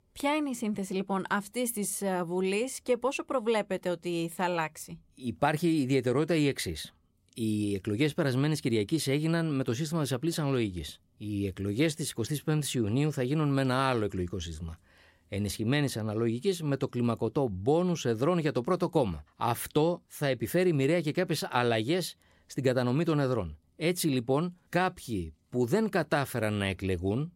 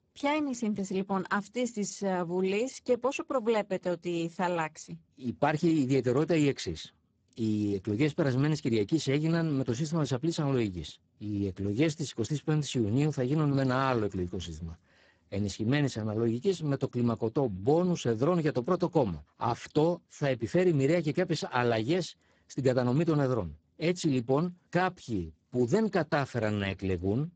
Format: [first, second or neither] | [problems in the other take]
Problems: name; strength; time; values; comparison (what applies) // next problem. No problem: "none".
first | garbled, watery; badly; nothing above 7.5 kHz